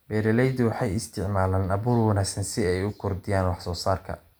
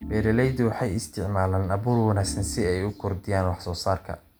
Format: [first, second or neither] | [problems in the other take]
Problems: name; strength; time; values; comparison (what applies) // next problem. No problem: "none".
first | background sound (Organ); 15 dB below the speech